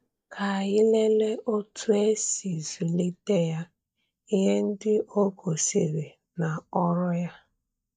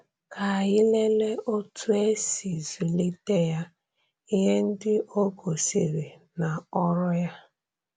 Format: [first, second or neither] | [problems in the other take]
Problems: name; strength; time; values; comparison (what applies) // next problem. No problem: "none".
second | noise reduction (neural mask model DeepFilterNet 3)